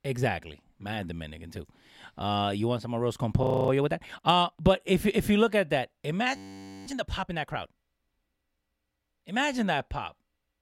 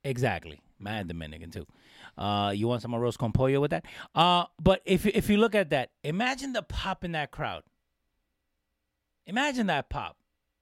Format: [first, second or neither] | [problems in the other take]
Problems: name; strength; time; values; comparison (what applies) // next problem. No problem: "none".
second | audio freezing; at 3.5 s and at 6.5 s for 0.5 s